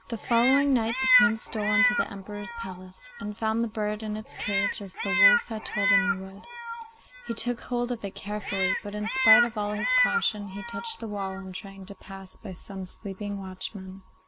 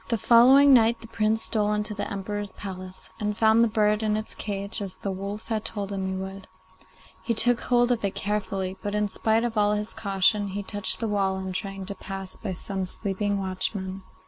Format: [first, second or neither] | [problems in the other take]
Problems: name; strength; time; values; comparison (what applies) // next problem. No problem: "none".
second | background sound (Meow); 3 dB above the speech